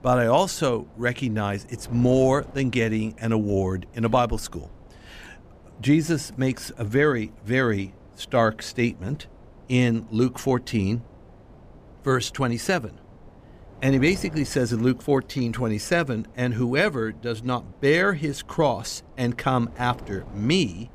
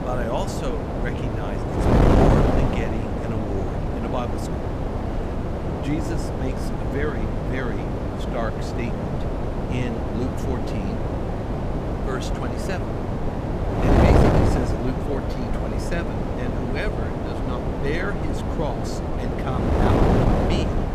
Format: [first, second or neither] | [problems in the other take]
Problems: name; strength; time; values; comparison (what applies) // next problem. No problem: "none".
first | wind noise on the microphone; heavy; 5 dB above the speech; occasional gusts in the first